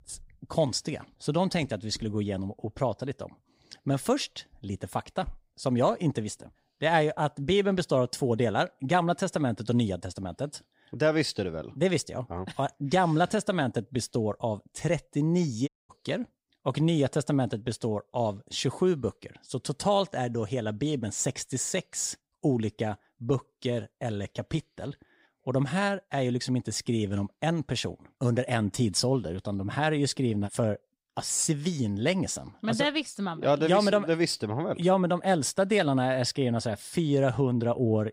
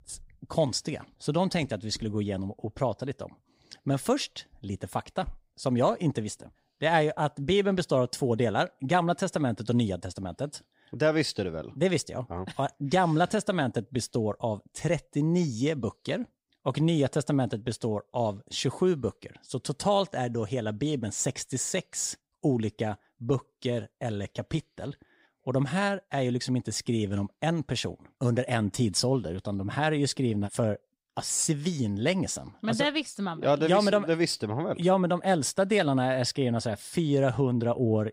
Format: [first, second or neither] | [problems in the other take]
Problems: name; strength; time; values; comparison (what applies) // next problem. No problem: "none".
second | audio cutting out; at 16 s